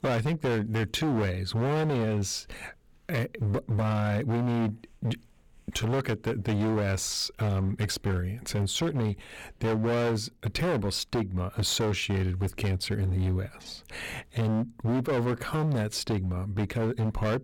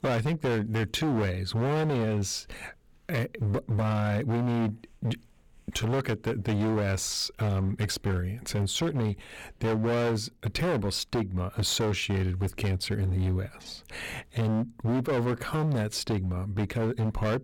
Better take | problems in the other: neither | distortion; heavy; 21% of the sound clipped; the same in both

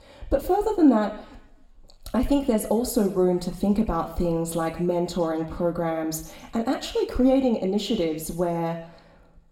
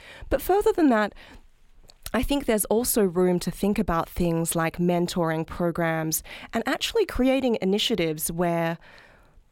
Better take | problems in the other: second | room echo; very slight; dies away in 0.7 s

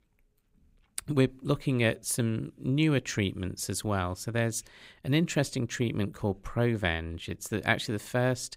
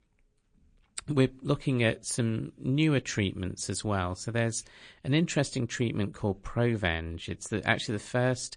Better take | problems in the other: first | garbled, watery; slightly

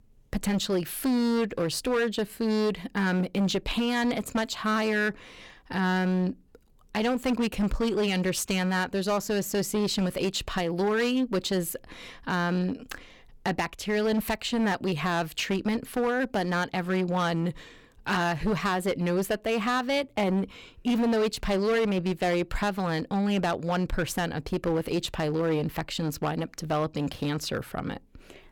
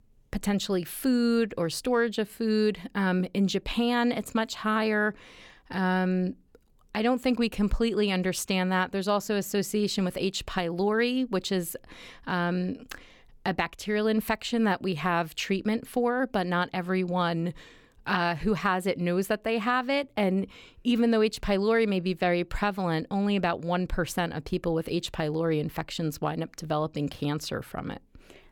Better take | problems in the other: second | distortion; slight; 13% of the sound clipped

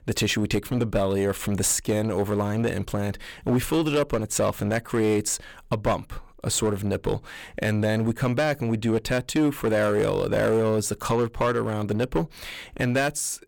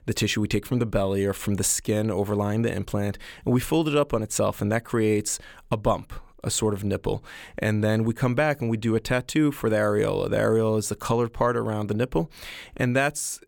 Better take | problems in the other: second | distortion; slight; 9% of the sound clipped

